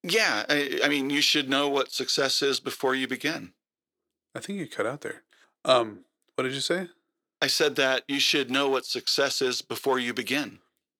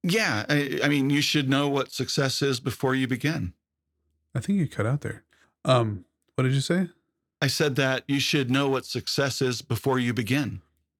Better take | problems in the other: second | thin; somewhat; fading below 400 Hz

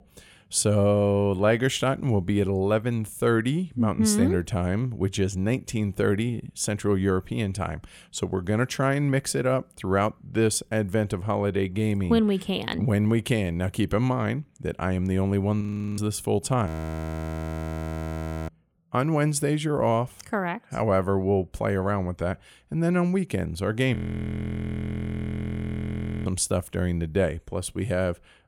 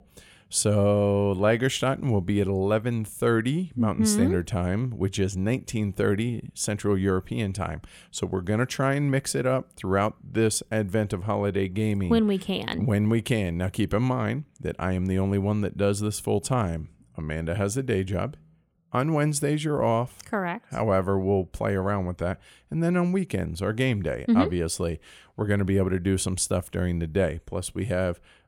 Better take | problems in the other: second | audio freezing; at 16 s, at 17 s for 2 s and at 24 s for 2.5 s

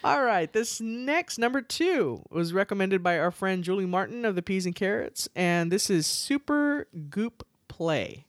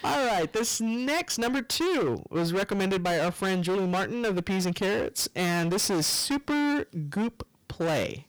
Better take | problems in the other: first | distortion; heavy; 33% of the sound clipped

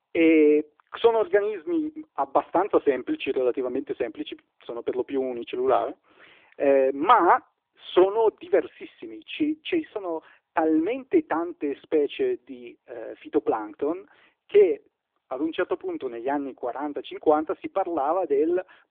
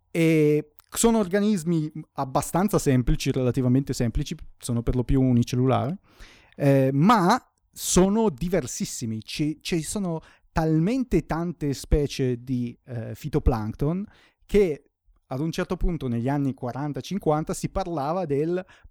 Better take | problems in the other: second | phone-call audio; nothing above 3.5 kHz

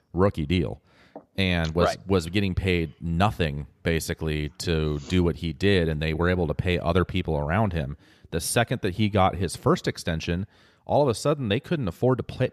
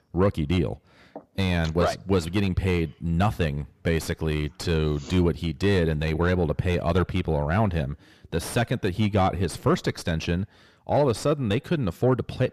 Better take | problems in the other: first | distortion; slight; 10 dB below the speech

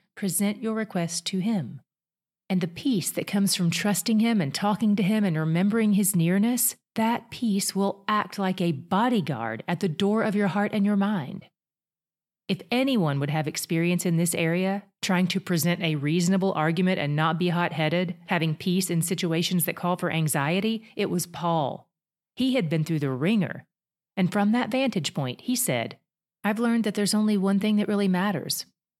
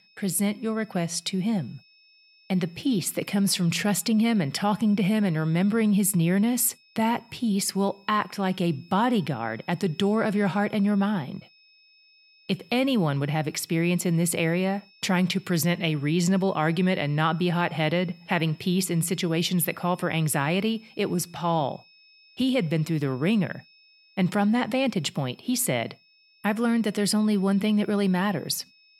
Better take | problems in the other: first | high-pitched whine; faint; throughout; 2.5 kHz, 30 dB below the speech

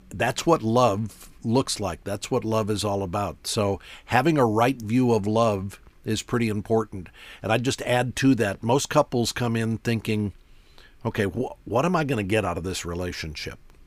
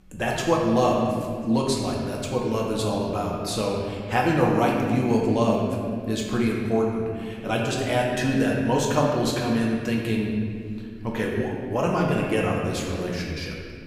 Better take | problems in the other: first | room echo; noticeable; dies away in 2 s // off-mic speech; somewhat distant

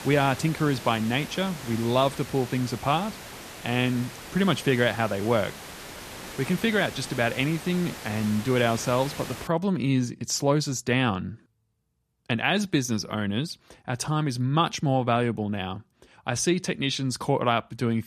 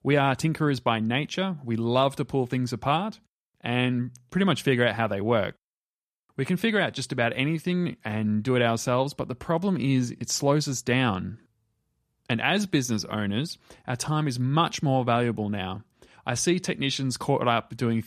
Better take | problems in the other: second | hiss; noticeable; until 9.5 s; 15 dB below the speech

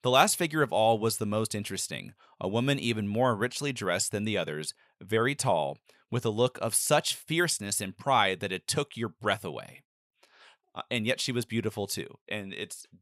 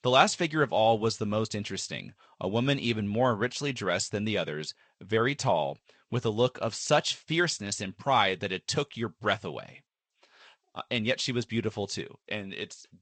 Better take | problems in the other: first | garbled, watery; slightly; nothing above 8 kHz

